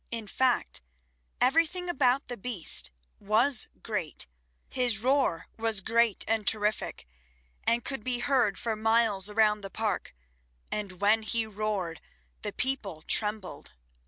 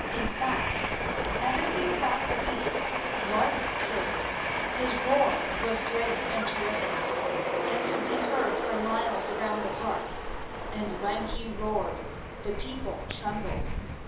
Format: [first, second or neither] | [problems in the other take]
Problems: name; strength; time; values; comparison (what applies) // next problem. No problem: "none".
first | background sound (Train); 2 dB above the speech // room echo; dies away in 2.8 s